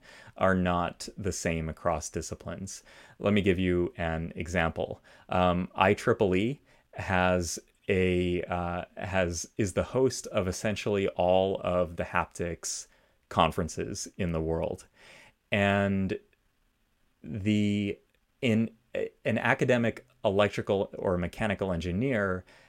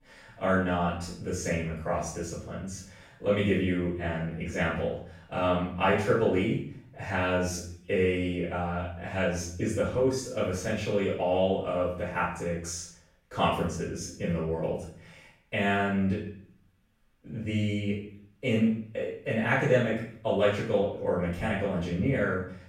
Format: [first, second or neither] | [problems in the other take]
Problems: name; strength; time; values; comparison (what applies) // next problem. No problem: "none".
first | room echo; noticeable; dies away in 0.5 s // off-mic speech; far